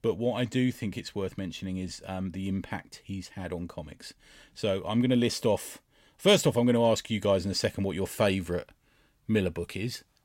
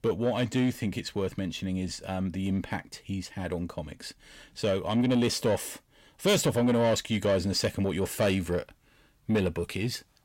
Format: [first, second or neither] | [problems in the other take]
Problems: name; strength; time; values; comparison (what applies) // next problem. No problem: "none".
first | distortion; slight; 10 dB below the speech